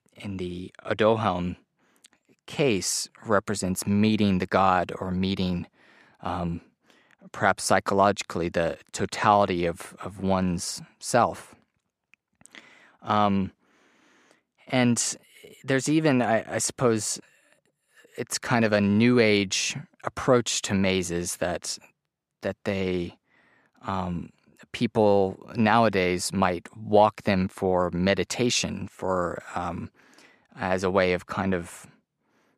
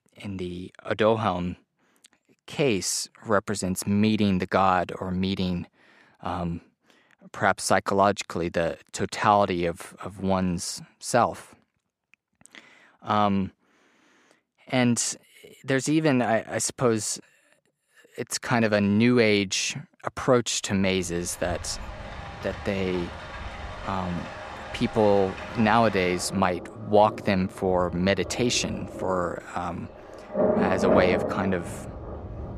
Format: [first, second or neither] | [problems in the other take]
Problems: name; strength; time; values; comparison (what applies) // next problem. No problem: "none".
first | rain or running water; loud; from 21 s on; 7 dB below the speech